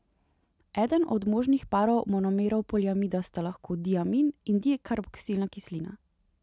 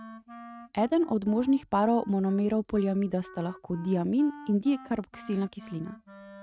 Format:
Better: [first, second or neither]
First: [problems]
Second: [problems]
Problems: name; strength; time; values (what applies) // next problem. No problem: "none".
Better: first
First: none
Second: noise reduction (neural mask model RNNoise)